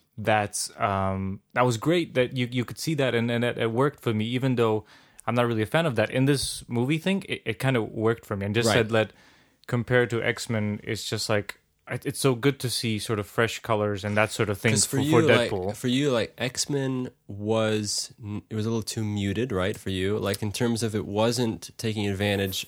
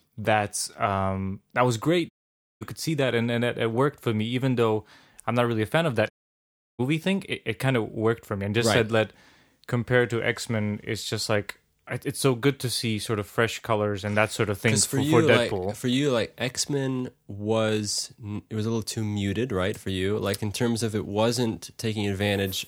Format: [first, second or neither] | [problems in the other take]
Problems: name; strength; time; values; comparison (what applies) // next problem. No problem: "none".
first | audio cutting out; at 2 s for 0.5 s and at 6 s for 0.5 s